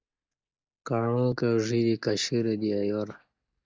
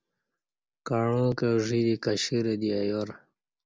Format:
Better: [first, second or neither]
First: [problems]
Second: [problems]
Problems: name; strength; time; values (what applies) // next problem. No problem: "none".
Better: second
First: noise reduction (neural mask model DeepFilterNet 3)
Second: none